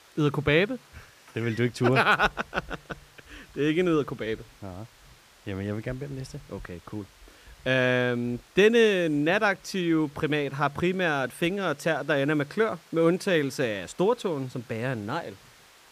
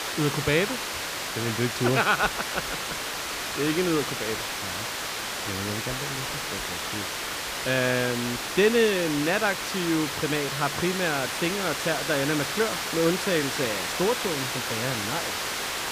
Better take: first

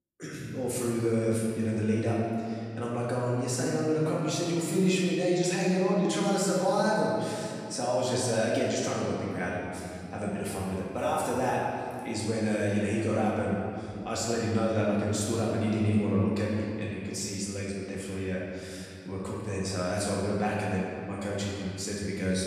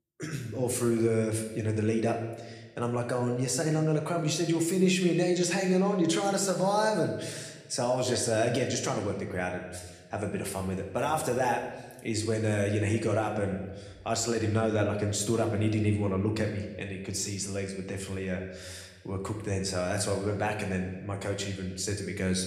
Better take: second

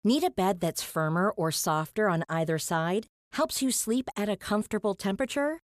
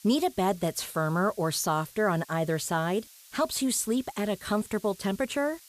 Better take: first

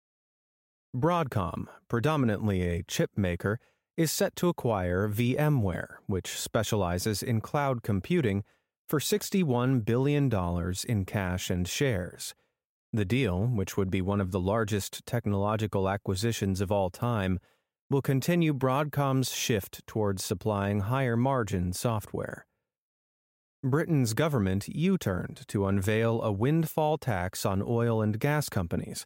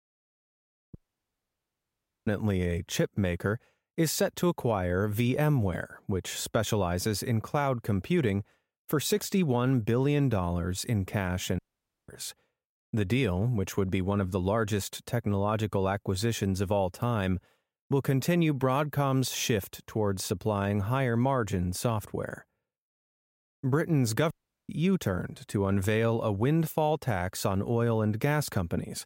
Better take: first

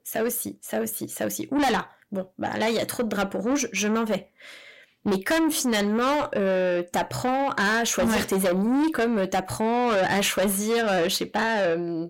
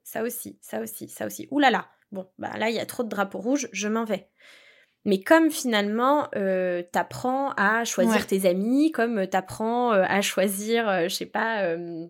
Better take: second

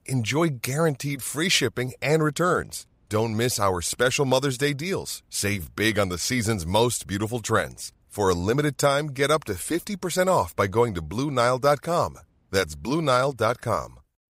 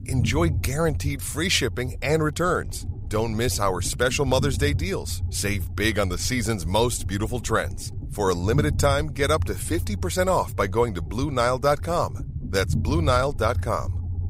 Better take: first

